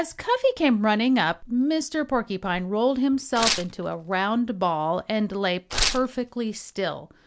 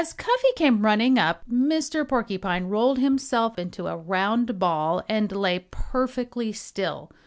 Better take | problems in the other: second | background sound (Tearing); 6 dB below the speech

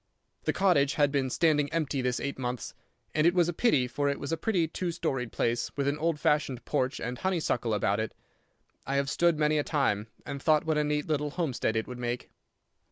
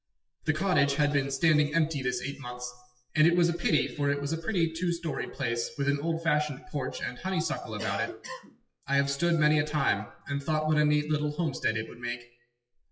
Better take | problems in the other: first | noise reduction (classical method WPE with log-MMSE)

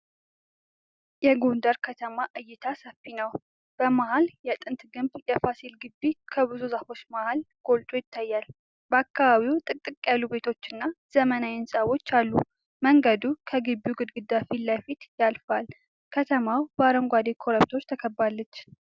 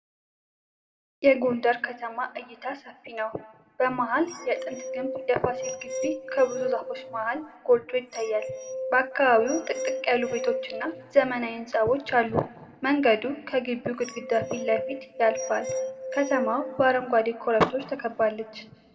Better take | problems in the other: first | background sound (Glass); 7 dB below the speech // room echo; dies away in 1.3 s

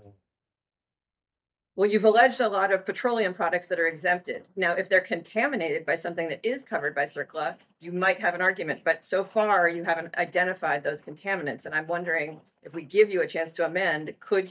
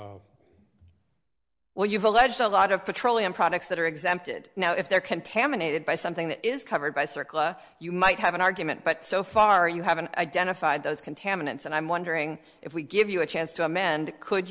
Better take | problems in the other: second | noise reduction (neural mask model DeepFilterNet 3)

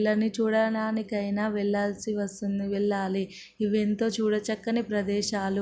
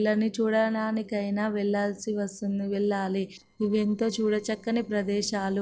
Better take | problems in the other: first | noise reduction (neural separator model SepFormer DNS4)

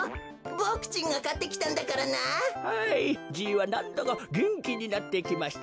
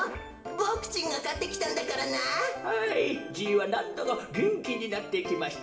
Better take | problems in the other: first | room echo; dies away in 0.8 s

